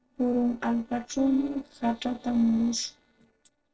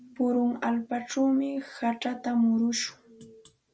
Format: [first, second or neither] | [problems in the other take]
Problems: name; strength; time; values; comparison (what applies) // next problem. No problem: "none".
second | noise reduction (neural separator model SepFormer DNS4)